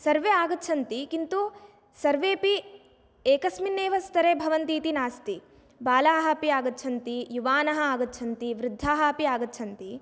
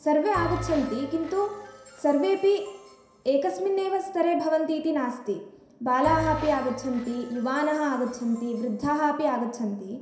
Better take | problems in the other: first | background sound (Bell); 15 dB below the speech // room echo; dies away in 0.7 s

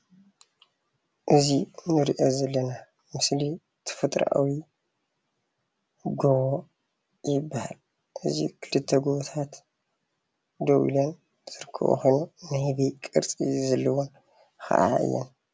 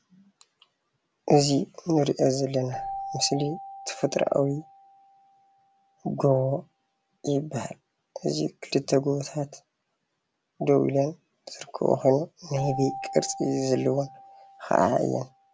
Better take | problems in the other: first | background sound (Keyboard (musical)); 16 dB below the speech

